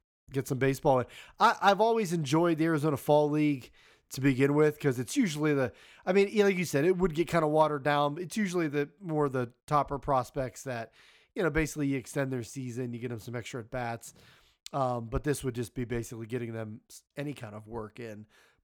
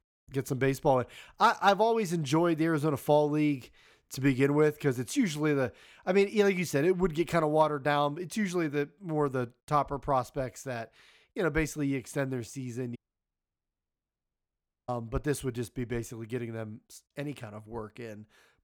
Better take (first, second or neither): first